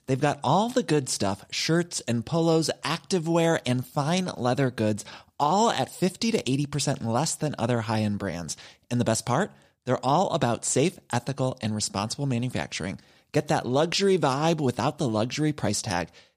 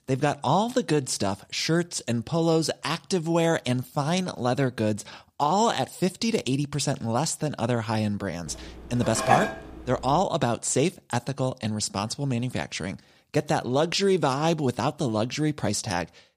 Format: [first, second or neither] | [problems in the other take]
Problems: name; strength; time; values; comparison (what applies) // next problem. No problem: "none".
first | clattering dishes; loud; at 9 s; peak 2 dB above the speech